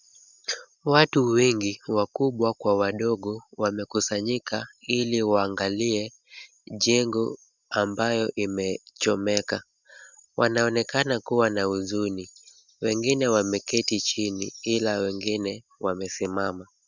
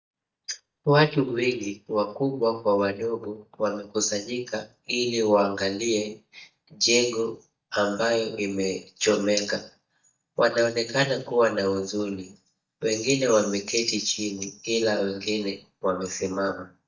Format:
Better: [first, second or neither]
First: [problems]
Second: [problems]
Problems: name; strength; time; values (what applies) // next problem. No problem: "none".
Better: first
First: none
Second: noise reduction (neural mask model DeepFilterNet 3)